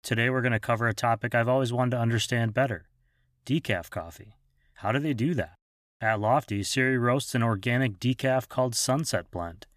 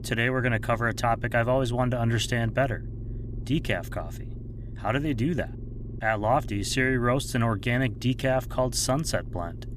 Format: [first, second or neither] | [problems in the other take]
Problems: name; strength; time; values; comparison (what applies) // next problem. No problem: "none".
first | low rumble; faint; throughout; 20 dB below the speech